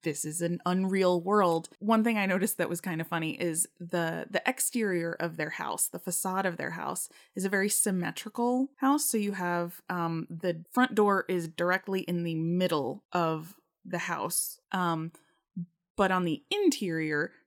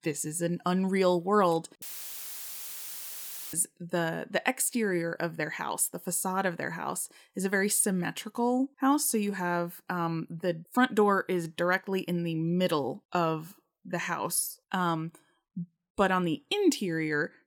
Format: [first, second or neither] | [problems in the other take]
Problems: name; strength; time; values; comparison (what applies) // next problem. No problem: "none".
first | audio cutting out; filled with static; at 2 s for 1.5 s